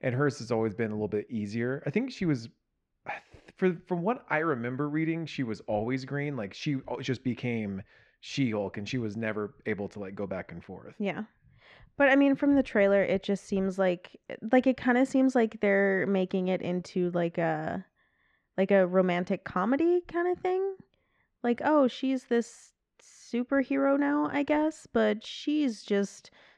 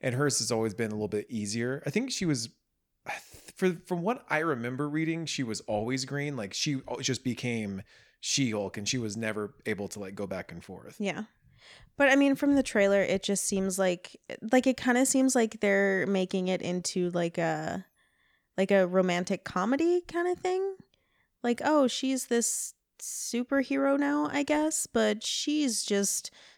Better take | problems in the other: second | muffled; very; fading above 2.5 kHz

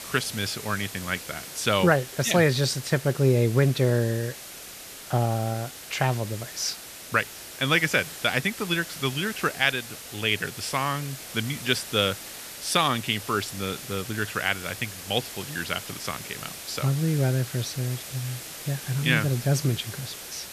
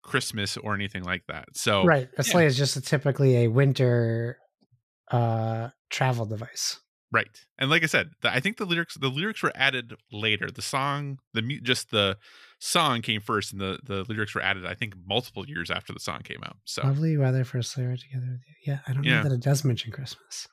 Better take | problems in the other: second | hiss; noticeable; throughout; 10 dB below the speech

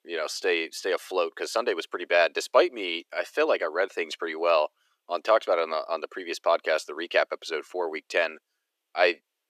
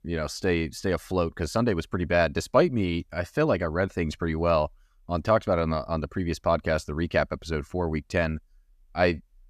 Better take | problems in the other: second | thin; very; fading below 350 Hz

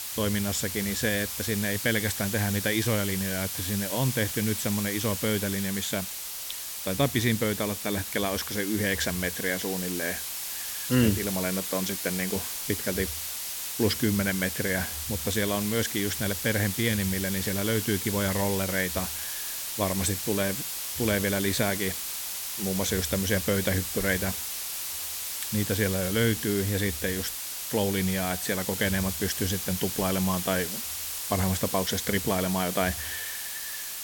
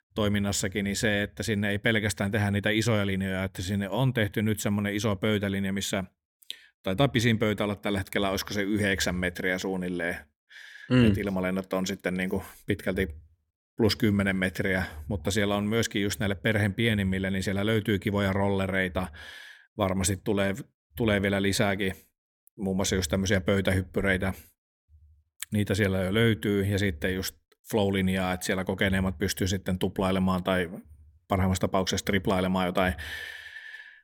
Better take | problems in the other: second | hiss; loud; throughout; 3 dB below the speech

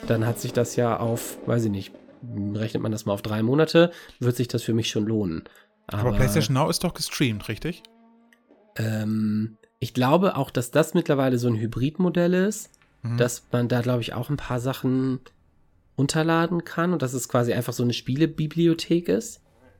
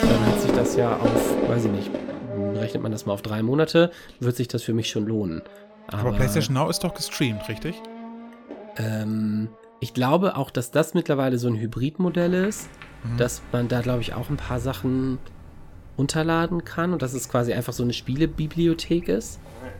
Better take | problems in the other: first | traffic noise; loud; throughout; 5 dB below the speech; faint in the first

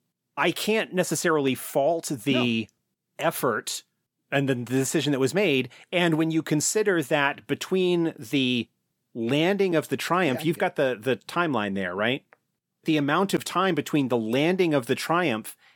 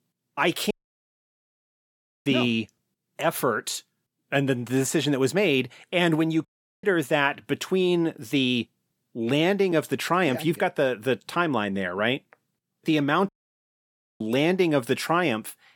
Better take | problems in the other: first | audio cutting out; at 0.5 s for 1.5 s, at 6.5 s and at 13 s for 1 s

